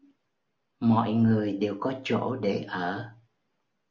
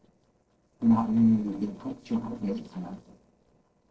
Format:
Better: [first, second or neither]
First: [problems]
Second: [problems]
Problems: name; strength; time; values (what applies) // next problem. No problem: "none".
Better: first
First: none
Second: noise reduction (neural separator model SepFormer DNS4)